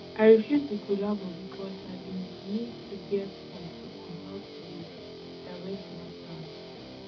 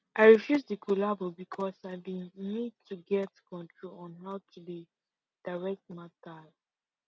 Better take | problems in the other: second | background sound (Guitar); 13 dB below the speech // room echo; dies away in 0.4 s

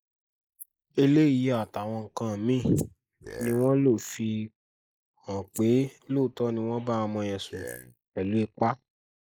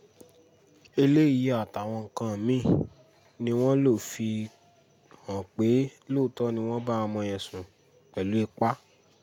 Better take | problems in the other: second | noise reduction (neural mask model Resemble Enhance denoiser)

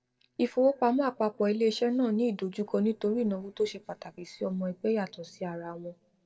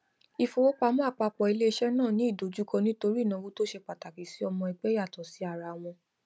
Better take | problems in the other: second | noise reduction (neural separator model SepFormer DNS4)

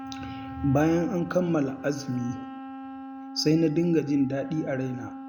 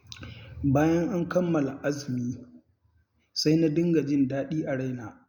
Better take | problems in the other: second | background sound (Wind instrument, woodwind instrument); 12 dB below the speech

